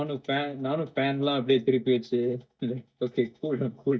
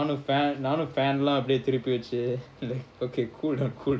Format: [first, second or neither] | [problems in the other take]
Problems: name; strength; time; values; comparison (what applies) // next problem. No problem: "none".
second | noise reduction (neural mask model DeepFilterNet 3)